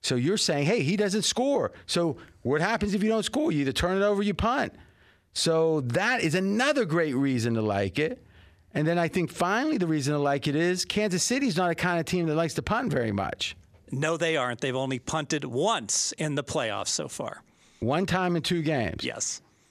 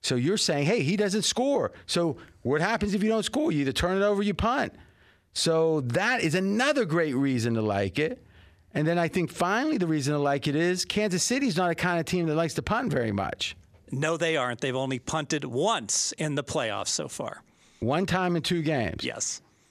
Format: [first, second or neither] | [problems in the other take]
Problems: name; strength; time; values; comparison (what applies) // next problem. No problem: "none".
neither | none